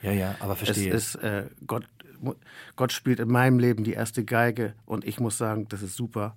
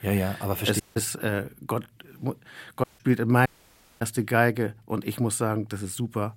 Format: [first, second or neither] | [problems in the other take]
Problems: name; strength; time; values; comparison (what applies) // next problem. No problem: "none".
first | audio cutting out; at 1 s, at 3 s and at 3.5 s for 0.5 s